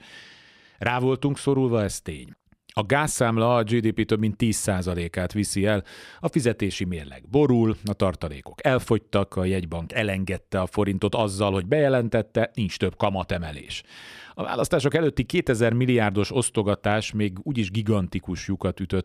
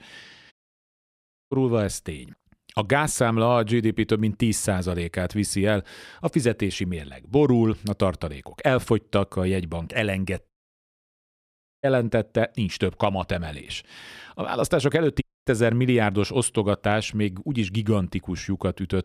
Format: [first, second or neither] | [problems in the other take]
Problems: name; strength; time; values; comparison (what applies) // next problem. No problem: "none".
first | audio cutting out; at 0.5 s for 1 s, at 11 s for 1.5 s and at 15 s